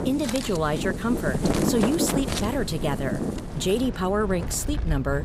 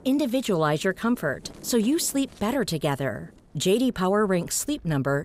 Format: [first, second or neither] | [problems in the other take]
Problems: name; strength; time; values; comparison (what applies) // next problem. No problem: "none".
second | wind in the background; loud; throughout; 2 dB below the speech; faint in the second